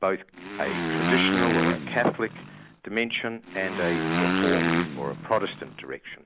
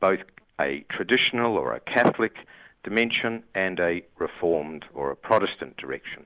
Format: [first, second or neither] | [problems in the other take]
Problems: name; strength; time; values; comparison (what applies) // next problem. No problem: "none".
second | background sound (Motorcycle); 1 dB above the speech